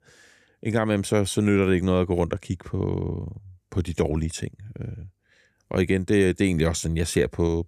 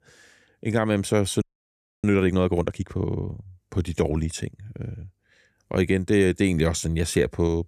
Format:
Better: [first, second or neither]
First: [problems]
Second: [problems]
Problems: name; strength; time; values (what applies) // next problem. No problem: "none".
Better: first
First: none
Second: audio freezing; at 1.5 s for 0.5 s